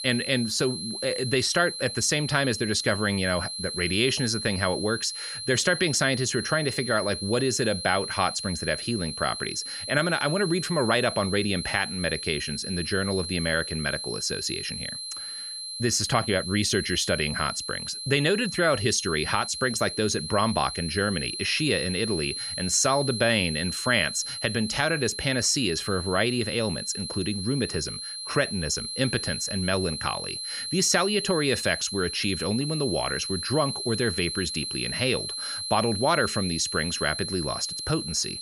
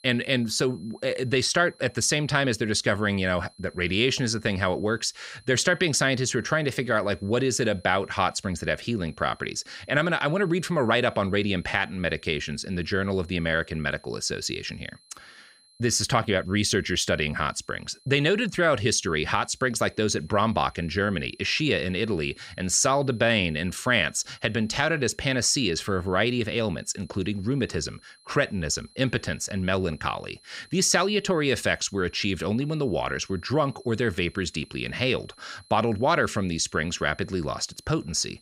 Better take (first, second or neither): second